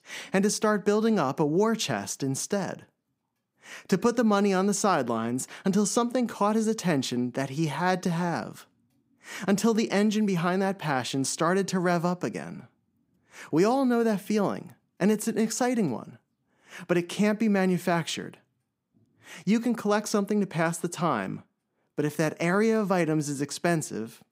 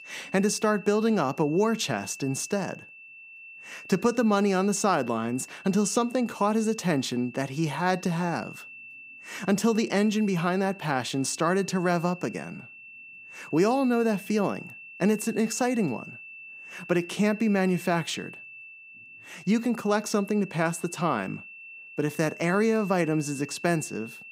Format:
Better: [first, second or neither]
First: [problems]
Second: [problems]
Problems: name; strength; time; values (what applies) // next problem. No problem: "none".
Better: first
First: none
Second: high-pitched whine; noticeable; throughout; 2.5 kHz, 15 dB below the speech